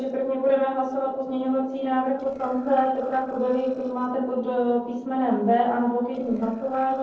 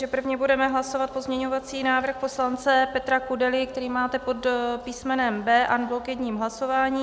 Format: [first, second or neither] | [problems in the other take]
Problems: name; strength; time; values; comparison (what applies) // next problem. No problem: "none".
second | noise reduction (neural separator model SepFormer DNS4)